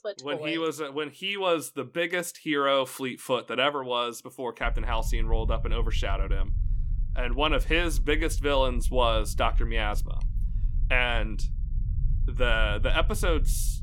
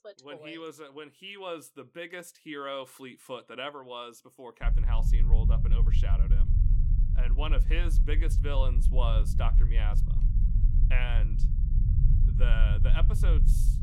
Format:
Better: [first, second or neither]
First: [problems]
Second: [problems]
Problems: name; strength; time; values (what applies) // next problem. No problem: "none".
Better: first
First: low rumble; faint; from 4.5 s on; 25 dB below the speech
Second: low rumble; loud; from 4.5 s on; 7 dB below the speech